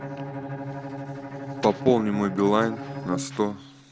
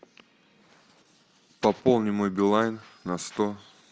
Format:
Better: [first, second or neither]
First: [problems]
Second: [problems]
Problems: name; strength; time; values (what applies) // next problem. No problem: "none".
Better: second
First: background sound (Bowed string instrument); 8 dB below the speech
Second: none